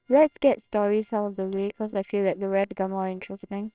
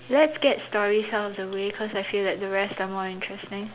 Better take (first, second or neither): second